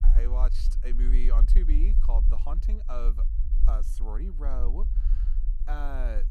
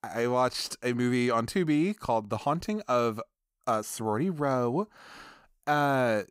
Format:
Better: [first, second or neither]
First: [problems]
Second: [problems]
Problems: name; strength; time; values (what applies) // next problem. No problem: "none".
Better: second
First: low rumble; loud; throughout; 10 dB below the speech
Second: none